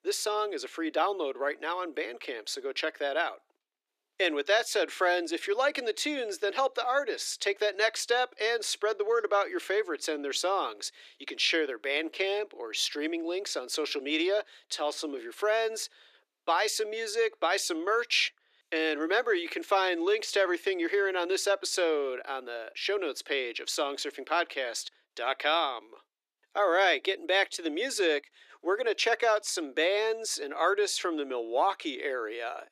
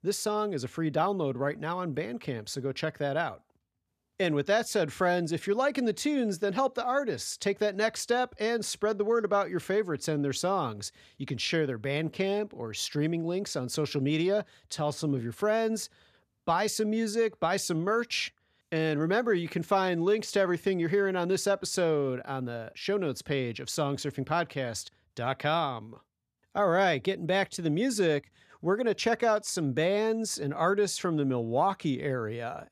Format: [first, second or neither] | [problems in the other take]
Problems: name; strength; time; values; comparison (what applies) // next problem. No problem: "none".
second | thin; very; fading below 300 Hz